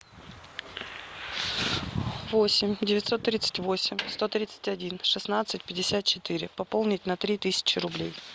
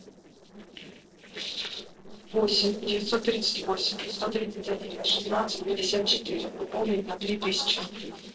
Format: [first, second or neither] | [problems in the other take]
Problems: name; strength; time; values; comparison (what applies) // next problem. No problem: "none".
first | noise reduction (neural separator model SepFormer DNS4)